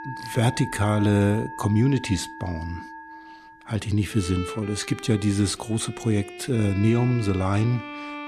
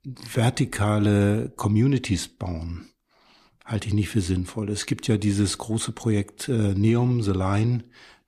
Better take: second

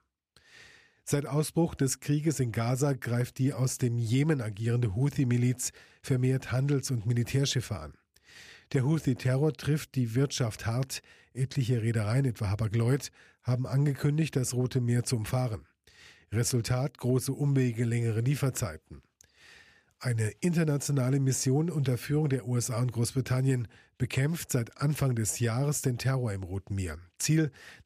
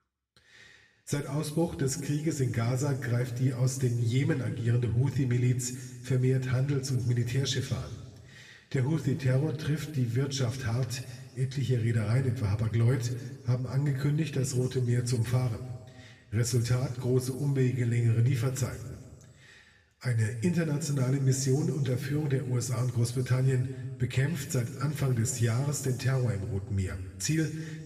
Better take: first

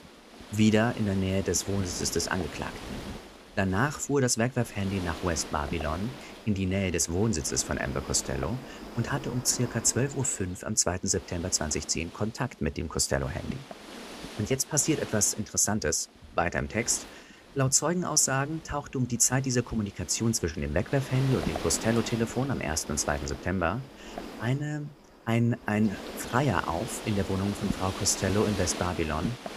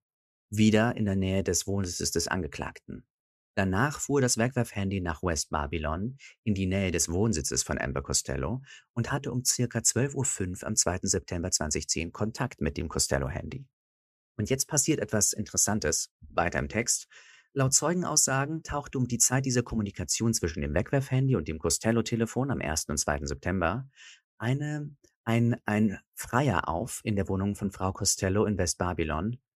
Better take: second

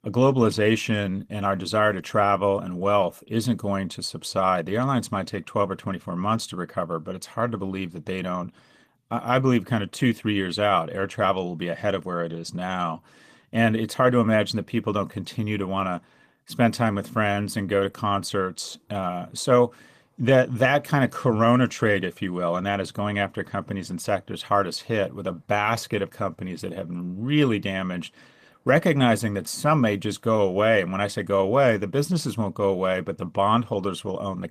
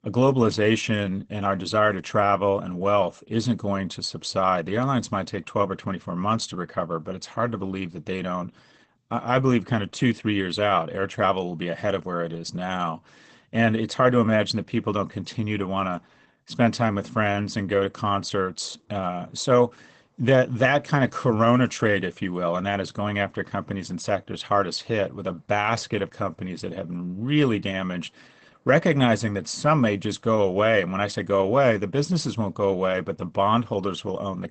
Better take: first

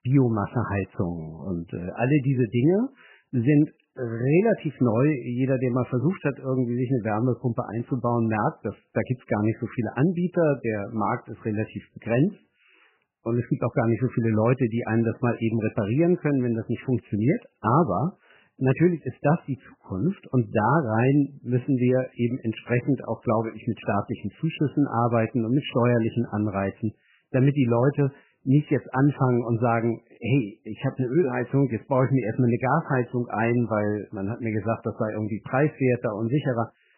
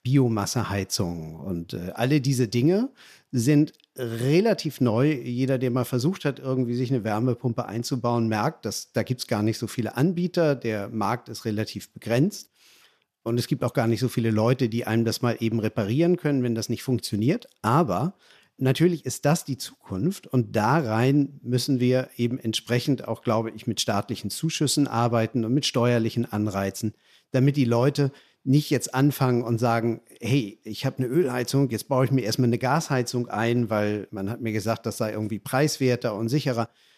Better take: second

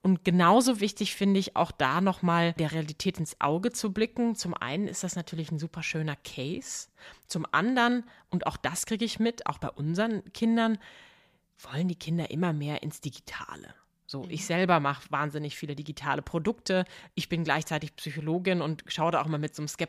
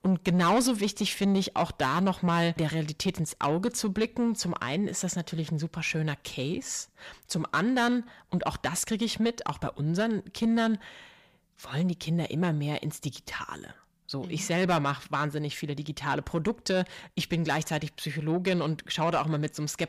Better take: first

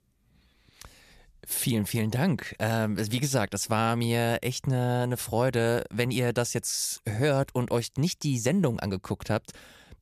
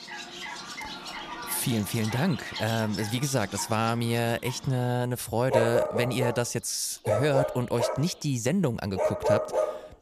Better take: first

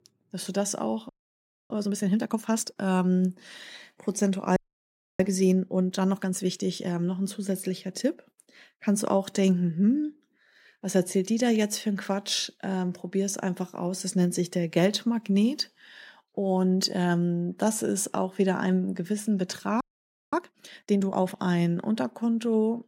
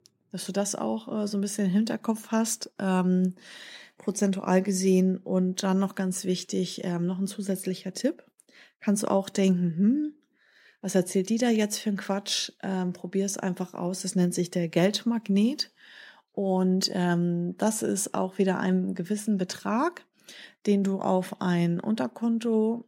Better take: second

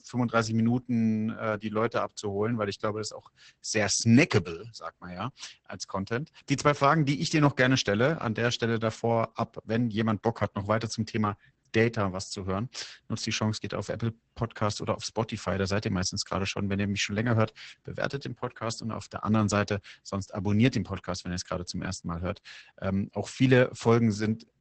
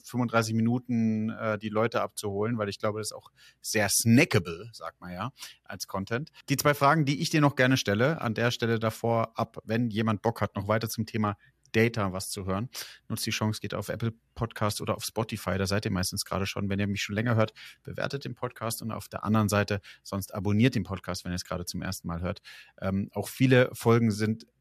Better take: second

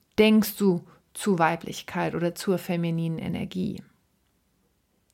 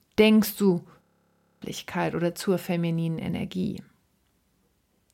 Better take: first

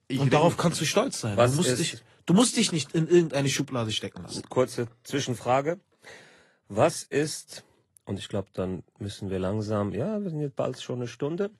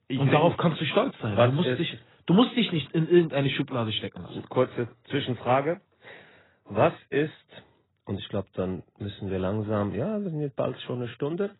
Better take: first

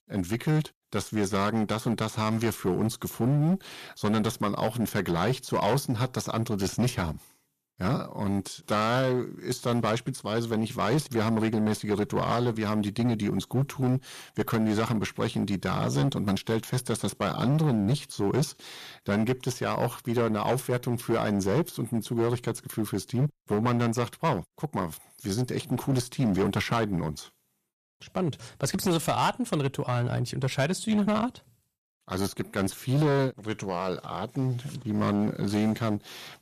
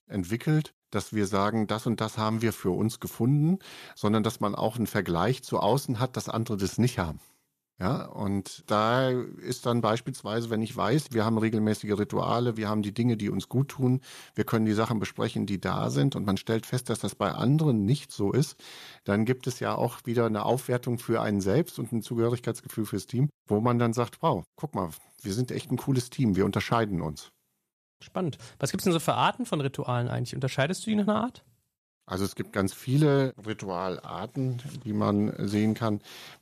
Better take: second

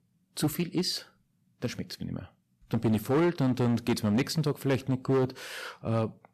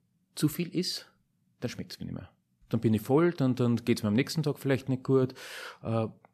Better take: second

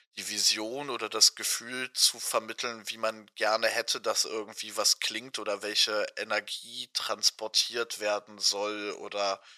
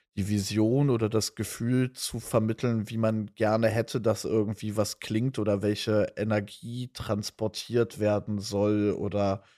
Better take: second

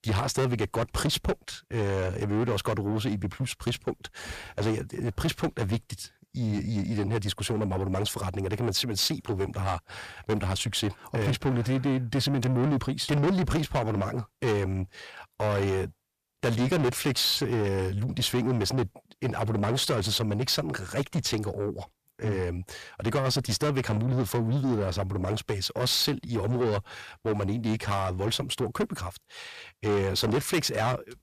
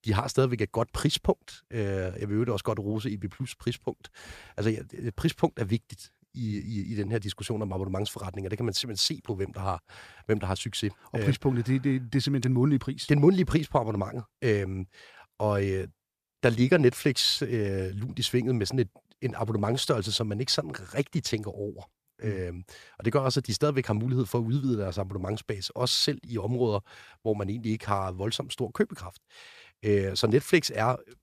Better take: second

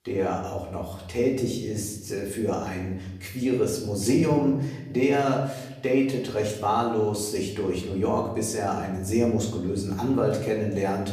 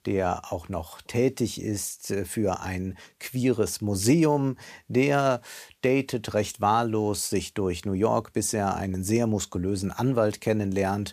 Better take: second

